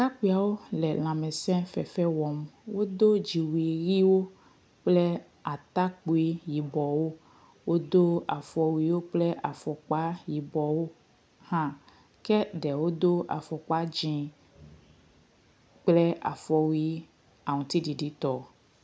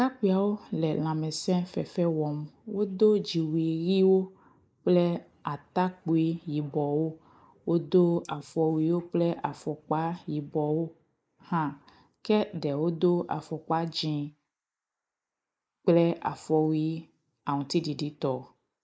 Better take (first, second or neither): first